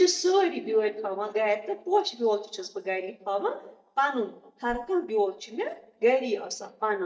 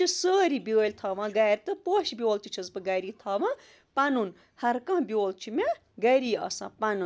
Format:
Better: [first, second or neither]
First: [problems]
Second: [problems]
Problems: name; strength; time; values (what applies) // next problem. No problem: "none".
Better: second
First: noise reduction (neural mask model DeepFilterNet 3)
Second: none